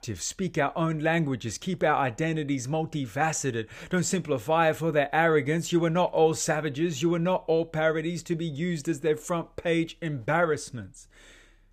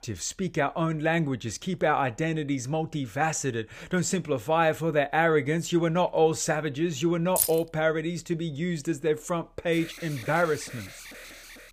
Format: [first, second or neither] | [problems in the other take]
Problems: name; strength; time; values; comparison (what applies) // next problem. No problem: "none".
first | jangling keys; loud; at 7.5 s; peak 1 dB above the speech // alarm; faint; from 9.5 s on; peak 15 dB below the speech